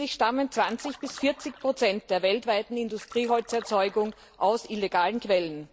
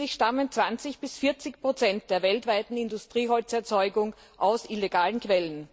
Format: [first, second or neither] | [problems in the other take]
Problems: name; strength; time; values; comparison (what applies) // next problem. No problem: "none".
second | background sound (Splash, splatter); 19 dB below the speech